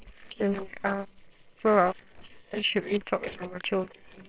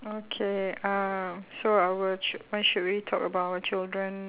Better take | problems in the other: second | noise reduction (neural separator model SepFormer WHAMR!)

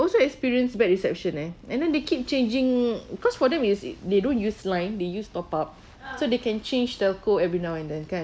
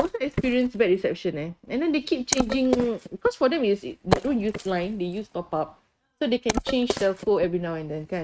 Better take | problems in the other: first | noise reduction (neural mask model RNNoise)

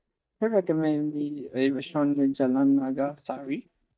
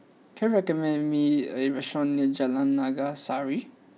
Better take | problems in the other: second | noise reduction (neural mask model DeepFilterNet 3)

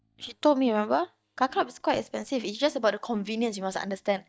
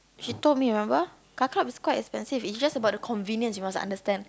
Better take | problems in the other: second | noise reduction (neural mask model DeepFilterNet 3)

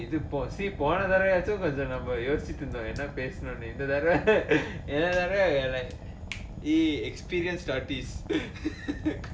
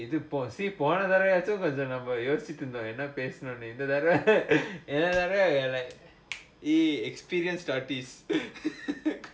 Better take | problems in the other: second | background sound (Fire); 10 dB below the speech

